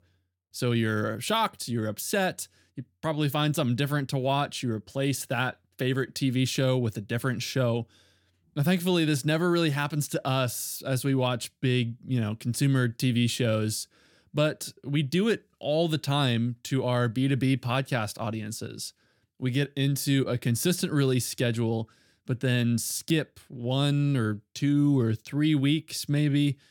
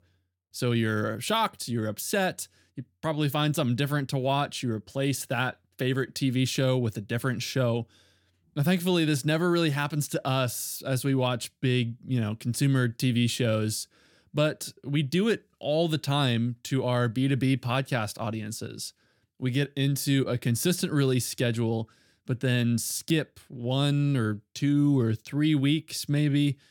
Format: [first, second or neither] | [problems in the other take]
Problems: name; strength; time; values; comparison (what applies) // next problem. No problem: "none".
neither | none